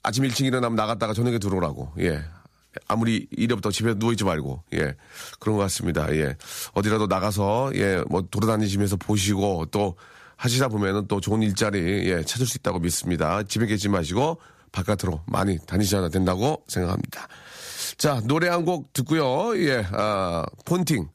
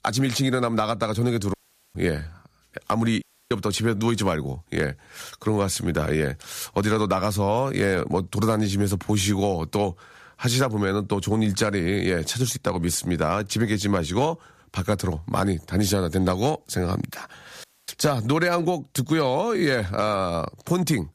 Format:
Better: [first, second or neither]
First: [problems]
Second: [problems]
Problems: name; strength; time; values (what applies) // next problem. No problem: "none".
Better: first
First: none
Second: audio cutting out; at 1.5 s, at 3 s and at 18 s